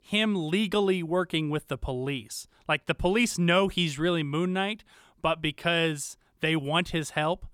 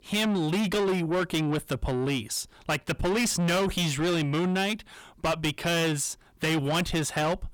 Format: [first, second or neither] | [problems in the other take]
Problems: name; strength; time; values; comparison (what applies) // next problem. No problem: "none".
first | distortion; heavy; 6 dB below the speech